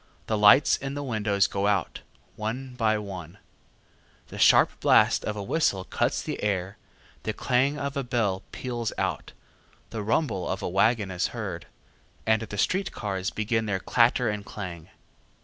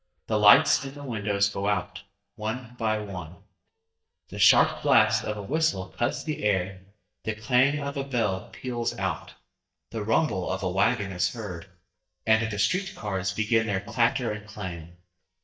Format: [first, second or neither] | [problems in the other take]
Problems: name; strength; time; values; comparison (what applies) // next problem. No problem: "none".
first | noise reduction (neural mask model DeepFilterNet 3)